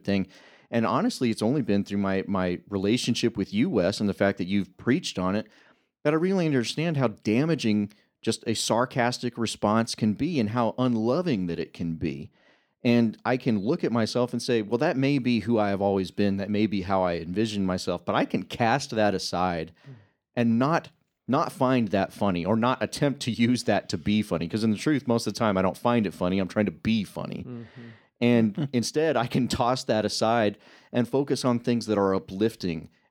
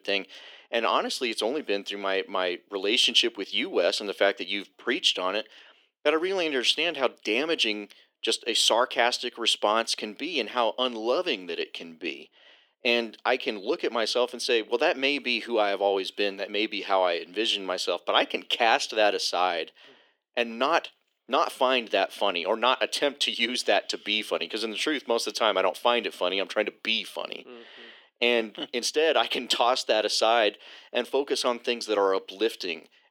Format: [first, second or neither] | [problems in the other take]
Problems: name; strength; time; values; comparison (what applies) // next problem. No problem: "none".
first | thin; very; fading below 350 Hz